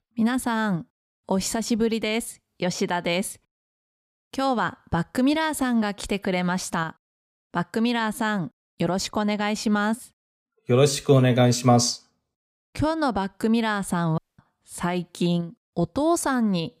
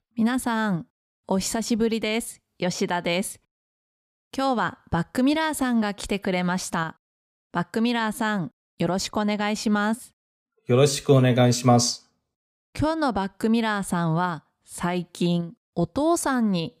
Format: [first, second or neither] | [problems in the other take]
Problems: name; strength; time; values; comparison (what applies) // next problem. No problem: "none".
second | audio cutting out; at 14 s